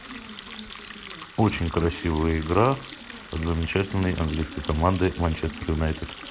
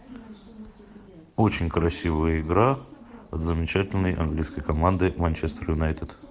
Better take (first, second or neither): second